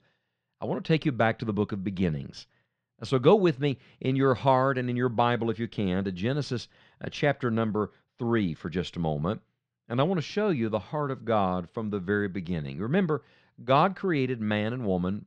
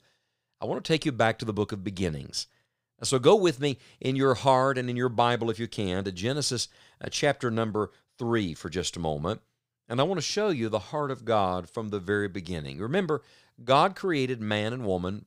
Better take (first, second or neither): second